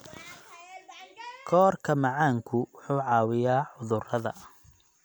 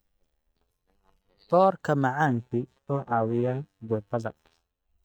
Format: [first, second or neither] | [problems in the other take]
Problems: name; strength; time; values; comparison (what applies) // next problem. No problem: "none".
first | noise reduction (neural mask model DeepFilterNet 3)